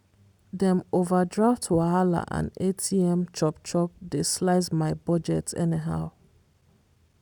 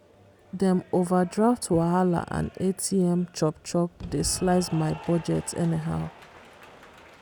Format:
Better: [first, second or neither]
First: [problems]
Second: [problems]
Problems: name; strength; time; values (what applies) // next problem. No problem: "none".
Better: first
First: none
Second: background sound (Applause / Cheering); 19 dB below the speech